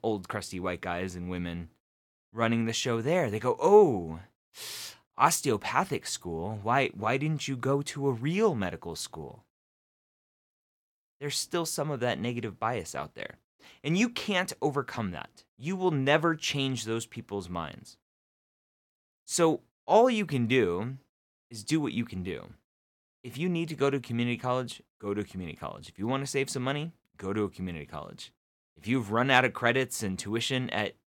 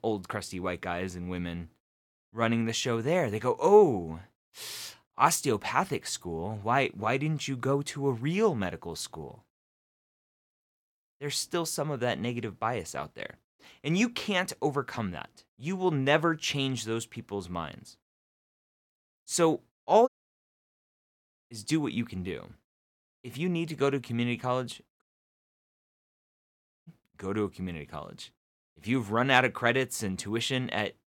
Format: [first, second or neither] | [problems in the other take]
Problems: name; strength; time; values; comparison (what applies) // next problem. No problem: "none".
first | audio cutting out; at 20 s for 1 s and at 25 s for 2 s